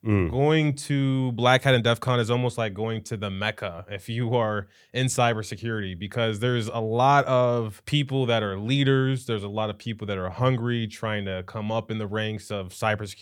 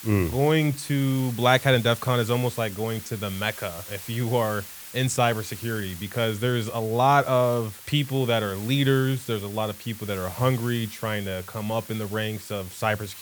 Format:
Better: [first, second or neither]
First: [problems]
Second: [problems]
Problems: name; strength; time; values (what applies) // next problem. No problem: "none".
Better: first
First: none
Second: hiss; noticeable; throughout; 15 dB below the speech